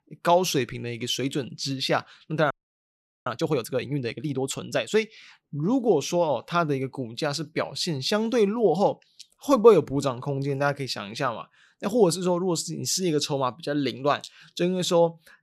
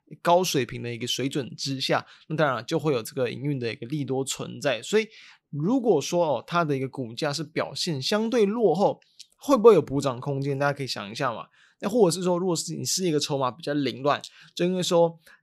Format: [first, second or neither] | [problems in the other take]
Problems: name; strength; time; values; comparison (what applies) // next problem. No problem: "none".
second | audio freezing; at 2.5 s for 1 s